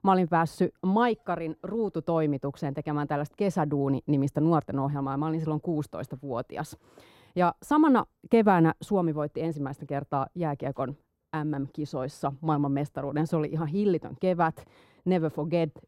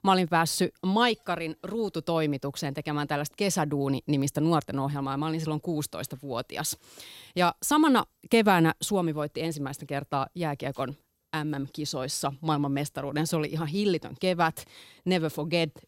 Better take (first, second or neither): second